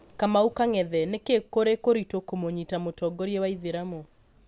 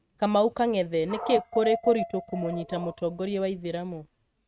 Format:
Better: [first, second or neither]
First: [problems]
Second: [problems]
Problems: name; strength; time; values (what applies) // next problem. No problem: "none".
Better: first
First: none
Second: noise reduction (neural mask model RNNoise)